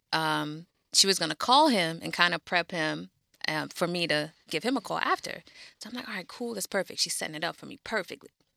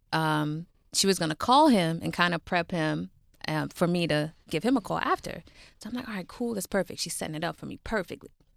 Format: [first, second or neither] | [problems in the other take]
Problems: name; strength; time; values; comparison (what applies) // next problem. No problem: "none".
second | thin; very slightly; fading below 350 Hz